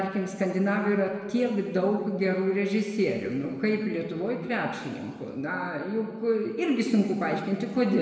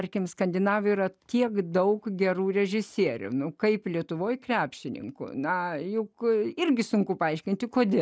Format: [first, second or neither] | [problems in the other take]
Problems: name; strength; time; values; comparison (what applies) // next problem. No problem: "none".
second | room echo; dies away in 1.5 s